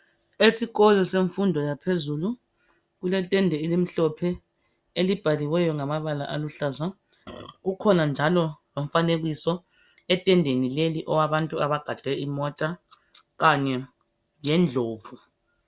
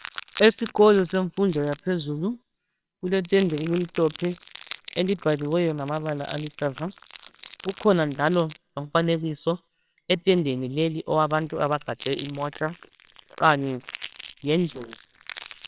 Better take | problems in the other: first | noise reduction (neural separator model SepFormer WHAMR!)

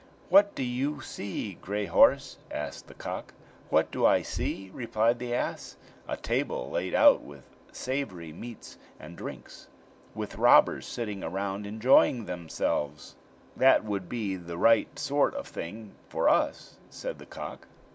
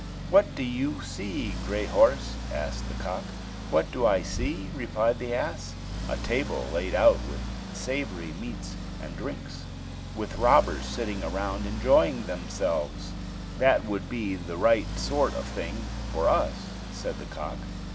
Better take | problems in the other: first | background sound (Accelerating, revving, vroom); 6 dB below the speech

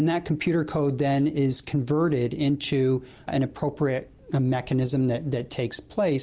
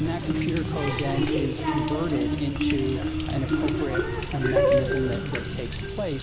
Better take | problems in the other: first | background sound (Water tap, faucet + Marimba, xylophone); 4 dB above the speech

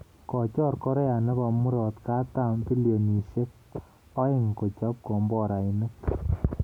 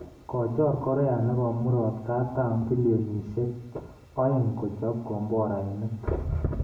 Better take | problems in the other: first | room echo; dies away in 0.8 s

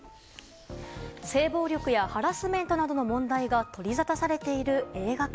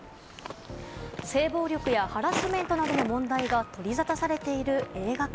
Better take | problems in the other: first | background sound (Walk, footsteps); 9 dB below the speech

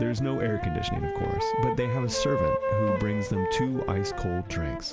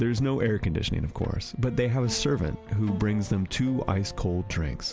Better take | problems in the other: second | background sound (Wind instrument, woodwind instrument); 1 dB below the speech

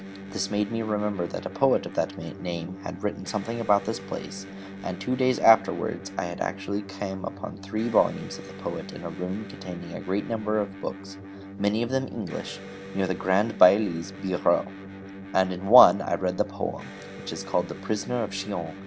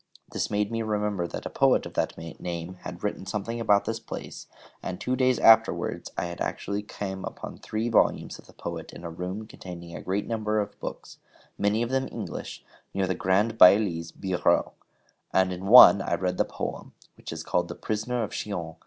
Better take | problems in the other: second | background sound (Electric guitar); 13 dB below the speech

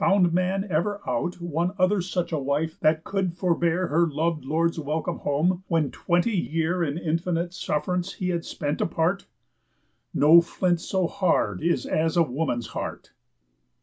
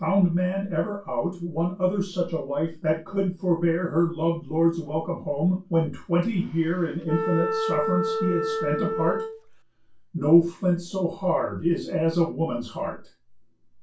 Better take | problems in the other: first | background sound (Wind instrument, woodwind instrument); 3 dB below the speech // room echo; dies away in 0.2 s

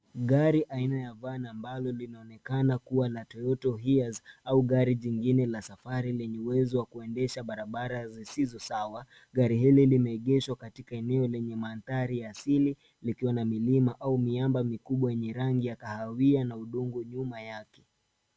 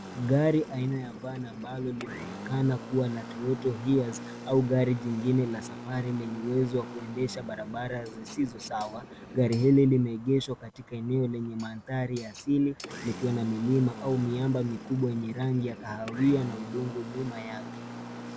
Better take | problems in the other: first | background sound (Engine); 13 dB below the speech

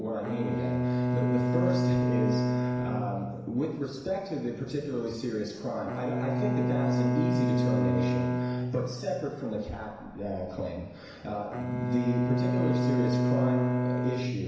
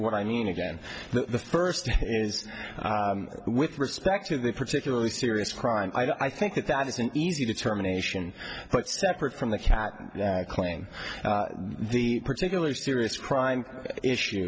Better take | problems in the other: second | background sound (Bowed string instrument); 4 dB above the speech // room echo; dies away in 1 s

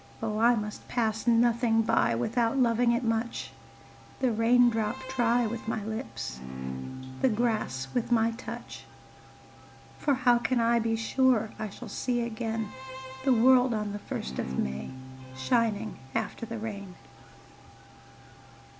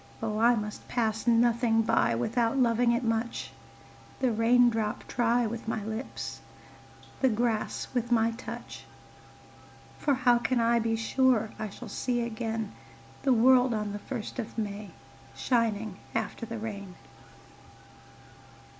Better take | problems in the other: second | background sound (Bowed string instrument); 11 dB below the speech

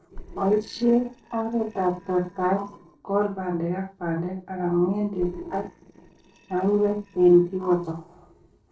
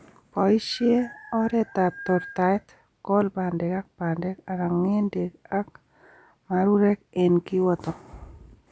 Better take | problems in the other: second | noise reduction (neural separator model SepFormer DNS4)

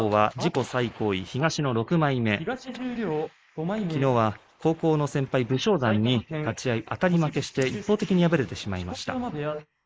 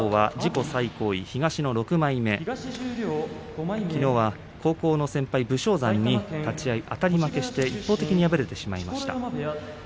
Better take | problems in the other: second | noise reduction (neural mask model Resemble Enhance denoiser)

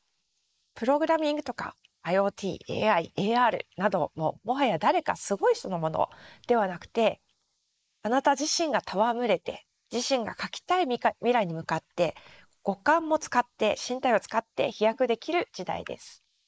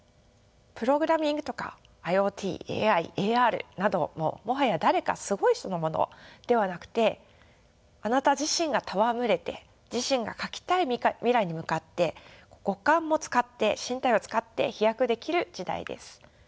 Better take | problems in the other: second | noise reduction (neural mask model Resemble Enhance denoiser)

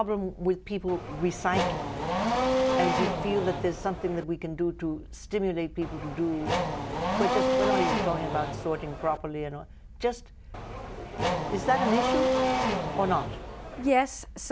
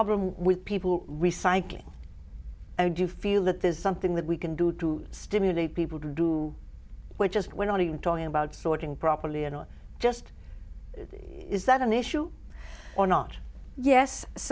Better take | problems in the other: second | background sound (Race car, auto racing / Accelerating, revving, vroom); 2 dB above the speech

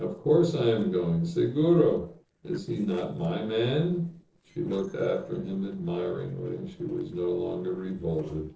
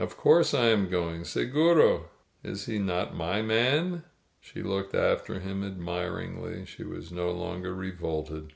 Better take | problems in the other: second | noise reduction (neural separator model SepFormer DNS4)

